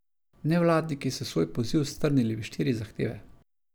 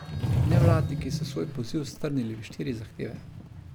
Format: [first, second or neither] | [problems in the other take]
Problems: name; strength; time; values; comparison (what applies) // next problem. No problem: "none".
first | background sound (Sliding door); 4 dB above the speech